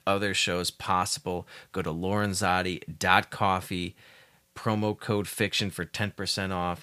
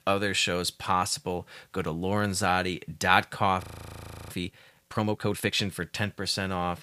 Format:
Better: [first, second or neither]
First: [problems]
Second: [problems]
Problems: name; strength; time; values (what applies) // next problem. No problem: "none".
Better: first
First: none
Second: audio freezing; at 3.5 s for 0.5 s